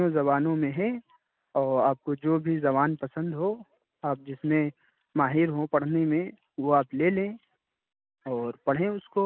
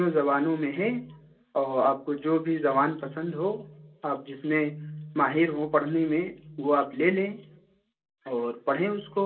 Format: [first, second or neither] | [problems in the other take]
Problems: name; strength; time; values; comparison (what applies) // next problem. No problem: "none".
first | room echo; dies away in 0.2 s